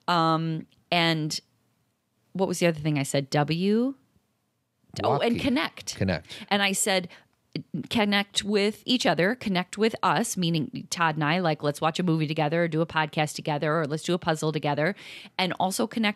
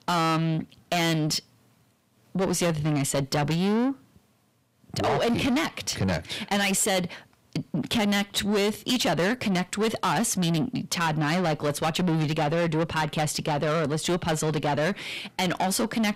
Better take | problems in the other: first | distortion; heavy; 6 dB below the speech

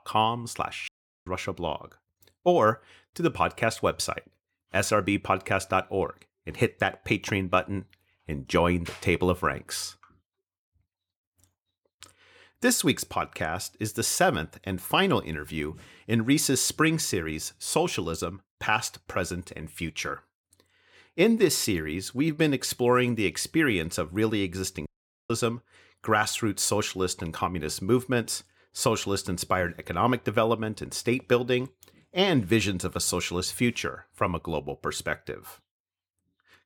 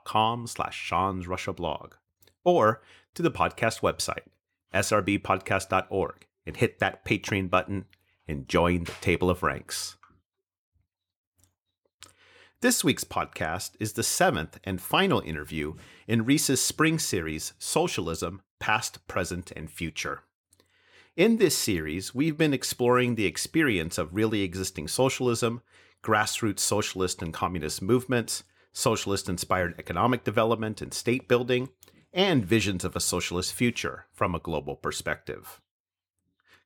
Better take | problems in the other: second | audio cutting out; at 1 s and at 25 s

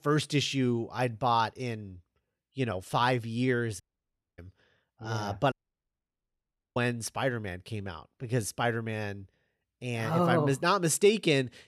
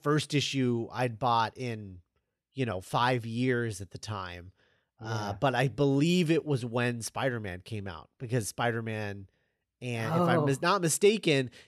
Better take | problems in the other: second | audio cutting out; at 4 s for 0.5 s and at 5.5 s for 1 s

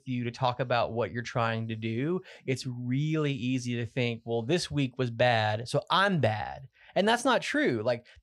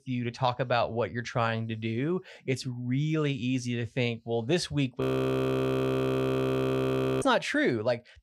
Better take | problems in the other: first | audio freezing; at 5 s for 2 s

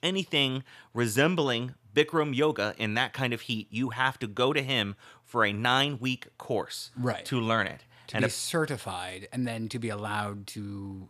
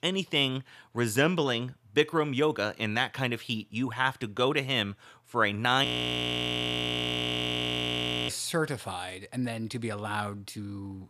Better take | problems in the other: first | audio freezing; at 6 s for 2.5 s

